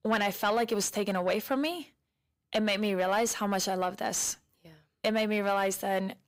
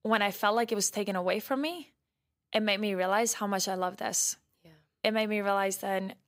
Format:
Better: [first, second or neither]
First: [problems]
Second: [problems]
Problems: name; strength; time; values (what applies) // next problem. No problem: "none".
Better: second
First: distortion; slight; 10 dB below the speech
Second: none